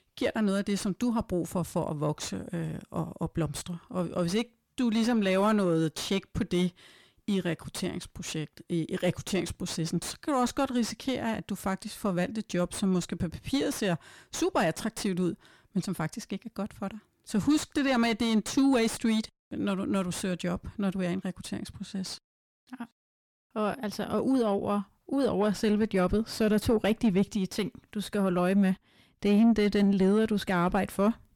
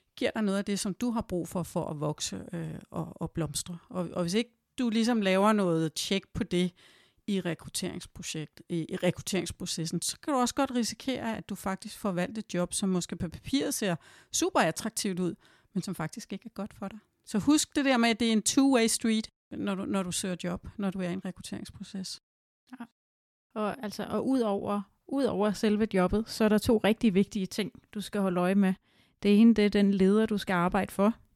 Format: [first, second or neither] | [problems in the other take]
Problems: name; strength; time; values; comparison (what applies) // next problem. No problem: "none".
second | distortion; slight; 10 dB below the speech